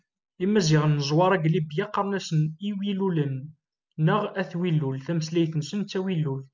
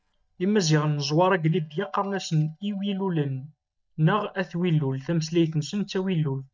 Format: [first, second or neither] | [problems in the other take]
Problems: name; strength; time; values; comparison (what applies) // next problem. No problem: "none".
first | noise reduction (neural mask model DeepFilterNet 3)